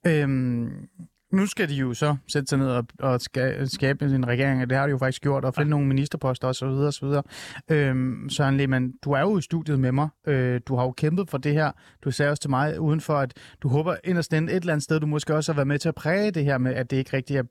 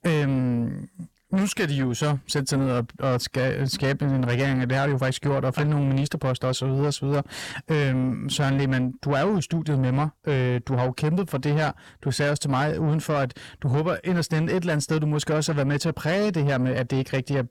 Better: first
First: none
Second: distortion; slight; 10 dB below the speech

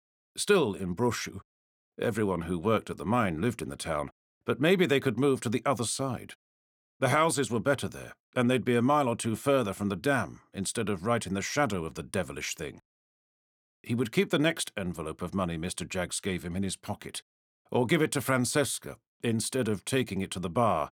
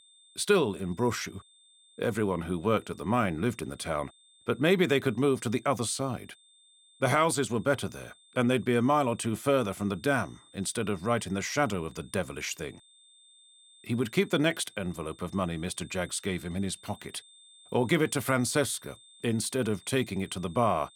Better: first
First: none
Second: high-pitched whine; faint; throughout; 3.5 kHz, 25 dB below the speech

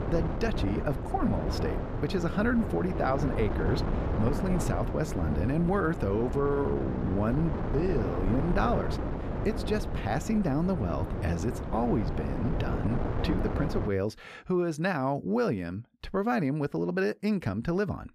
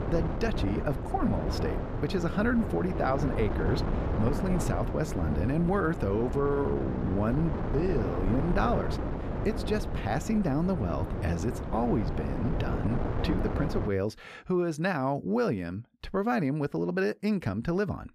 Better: neither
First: wind noise on the microphone; heavy; until 14 s; 5 dB below the speech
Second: wind noise on the microphone; heavy; until 14 s; 5 dB below the speech

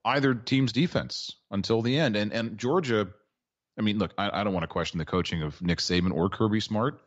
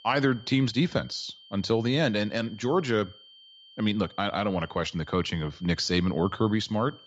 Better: first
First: none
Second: high-pitched whine; faint; throughout; 3 kHz, 25 dB below the speech

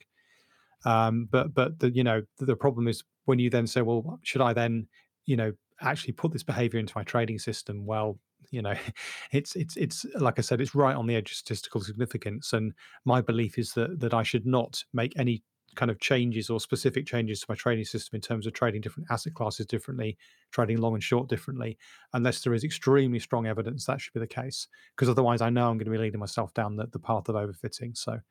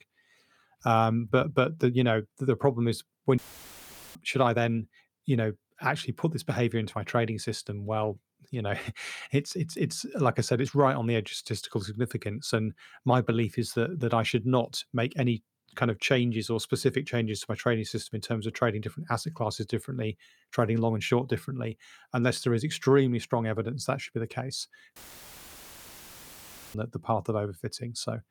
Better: first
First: none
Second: audio cutting out; filled with static; at 3.5 s for 1 s and at 25 s for 2 s

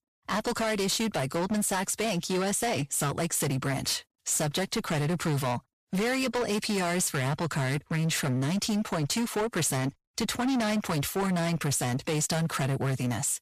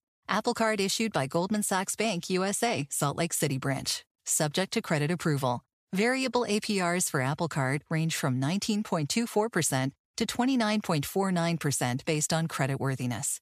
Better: second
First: distortion; heavy; 23% of the sound clipped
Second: none

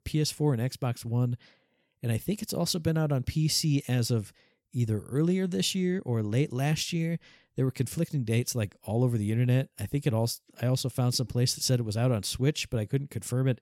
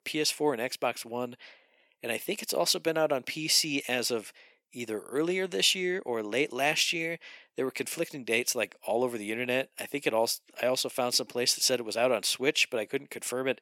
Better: first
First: none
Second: thin; very; fading below 350 Hz

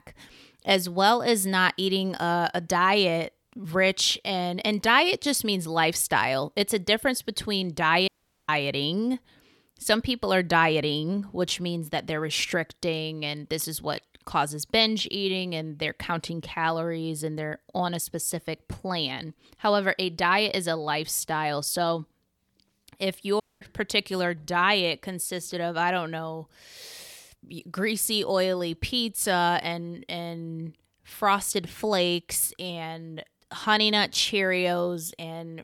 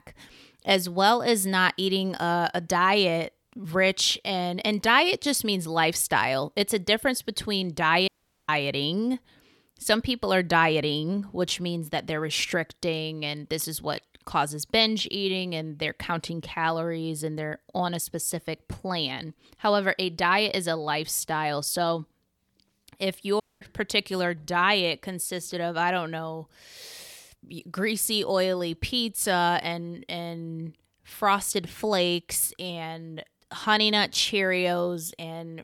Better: neither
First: audio cutting out; at 8 s and at 23 s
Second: audio cutting out; at 8 s and at 23 s

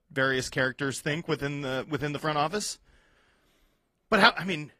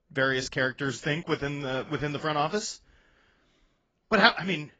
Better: first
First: garbled, watery; slightly; nothing above 14.5 kHz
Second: garbled, watery; badly; nothing above 7.5 kHz

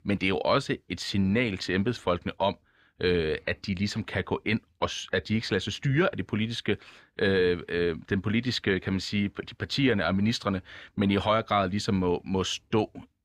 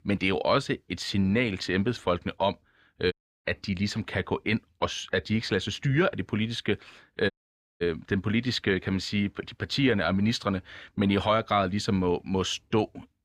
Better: first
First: none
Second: audio cutting out; at 3 s and at 7.5 s for 0.5 s

